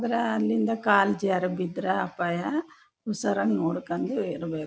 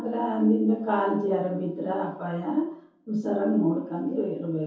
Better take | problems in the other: first | room echo; dies away in 0.6 s

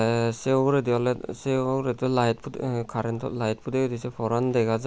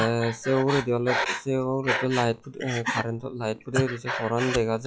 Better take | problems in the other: first | noise reduction (classical method log-MMSE)

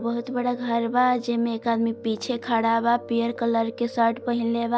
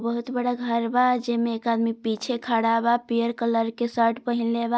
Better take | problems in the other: second | background sound (Piano); 17 dB below the speech

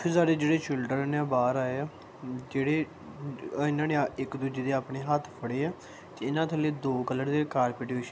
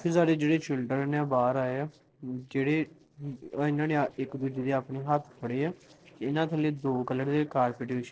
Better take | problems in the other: first | noise reduction (neural separator model SepFormer DNS4)

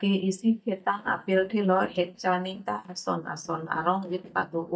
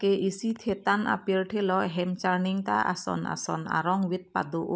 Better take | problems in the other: second | noise reduction (neural mask model DeepFilterNet 3)

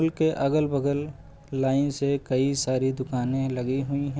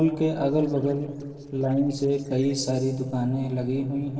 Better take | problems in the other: first | noise reduction (neural separator model SepFormer DNS4)

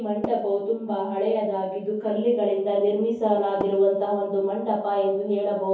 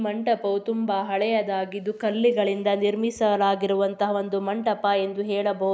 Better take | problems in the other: second | background sound (Tap); 10 dB below the speech // room echo; dies away in 0.6 s

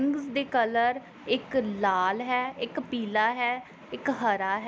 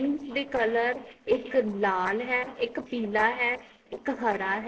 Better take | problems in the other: first | noise reduction (neural separator model SepFormer DNS4)

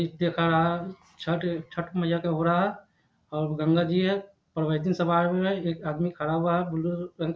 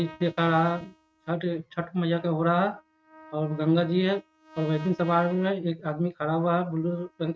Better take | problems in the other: first | noise reduction (neural mask model RNNoise)

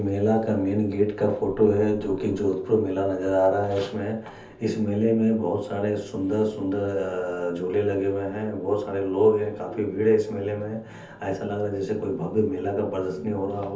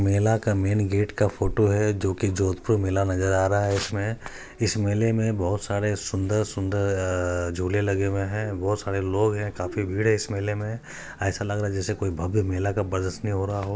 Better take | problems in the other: second | room echo; dies away in 0.7 s

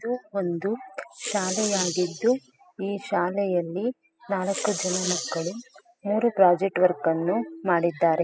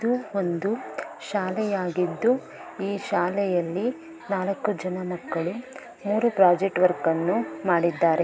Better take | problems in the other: second | noise reduction (classical method spectral subtraction)

